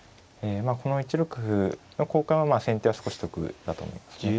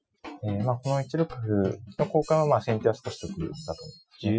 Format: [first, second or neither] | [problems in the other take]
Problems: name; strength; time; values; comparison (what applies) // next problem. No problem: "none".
first | noise reduction (classical method Wiener filter)